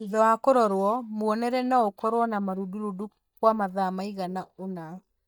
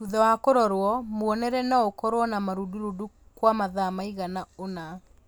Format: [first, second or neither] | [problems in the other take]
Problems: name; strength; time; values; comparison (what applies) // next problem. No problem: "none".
second | noise reduction (neural mask model DeepFilterNet 3)